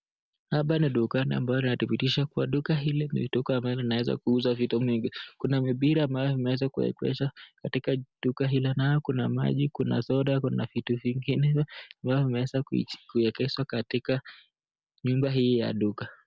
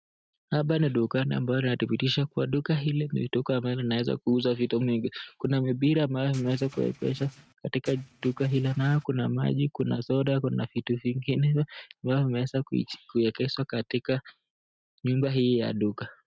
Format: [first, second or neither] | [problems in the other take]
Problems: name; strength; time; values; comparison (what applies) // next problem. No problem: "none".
first | noise reduction (neural mask model RNNoise)